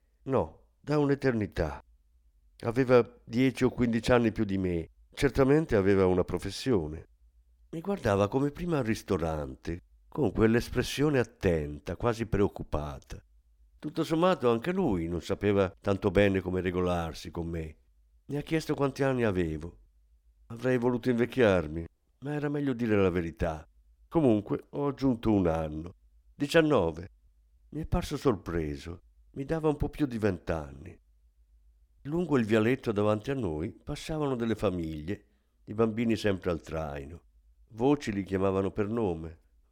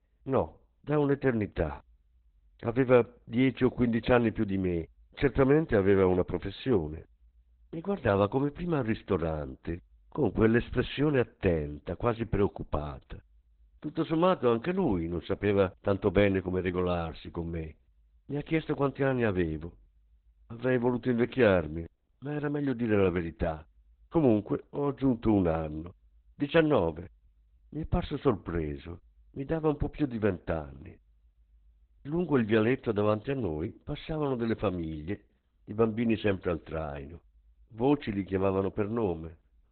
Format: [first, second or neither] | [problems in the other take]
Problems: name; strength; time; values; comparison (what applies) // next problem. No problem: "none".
first | garbled, watery; badly; nothing above 4 kHz